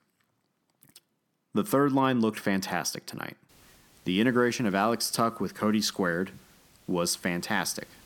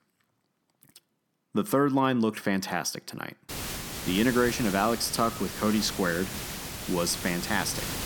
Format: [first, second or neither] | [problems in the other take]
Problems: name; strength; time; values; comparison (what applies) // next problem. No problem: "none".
first | hiss; loud; from 3.5 s on; 7 dB below the speech; faint in the first